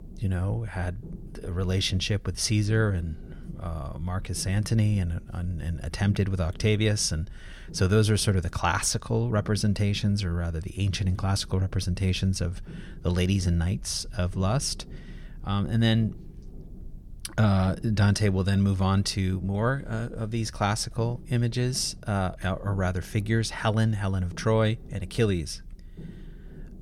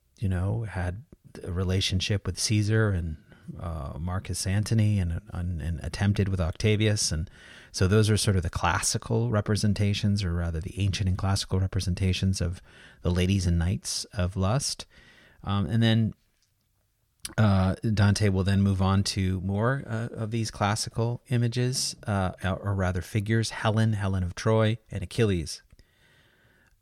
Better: second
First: low rumble; faint; throughout; 25 dB below the speech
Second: none

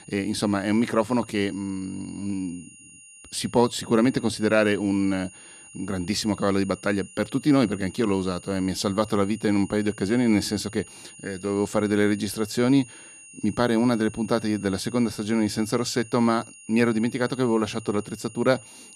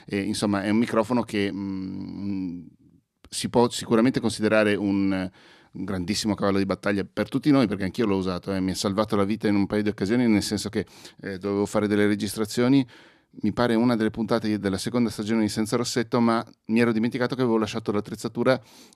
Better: second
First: high-pitched whine; noticeable; throughout; 9 kHz, 20 dB below the speech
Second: none

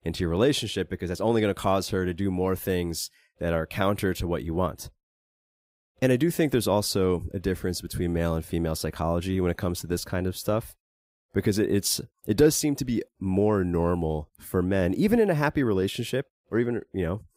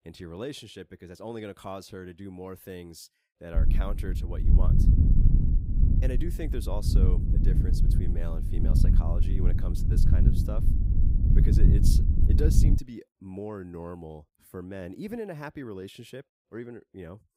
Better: first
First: none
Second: wind noise on the microphone; heavy; from 3.5 to 13 s; as loud as the speech

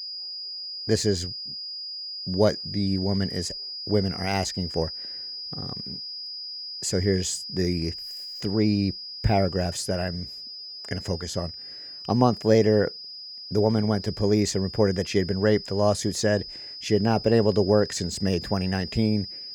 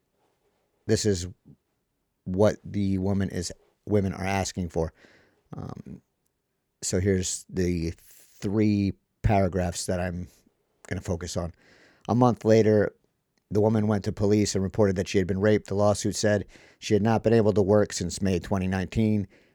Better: second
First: high-pitched whine; loud; throughout; 5 kHz, 9 dB below the speech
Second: none

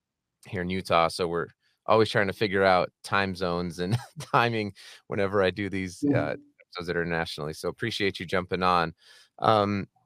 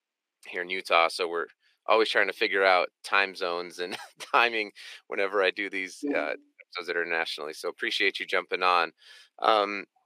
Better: first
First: none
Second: thin; somewhat; fading below 300 Hz

